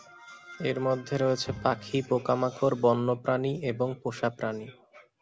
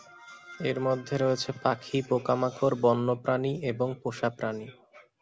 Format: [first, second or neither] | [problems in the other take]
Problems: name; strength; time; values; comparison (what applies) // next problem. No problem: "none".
second | background sound (Bowed string instrument); 17 dB below the speech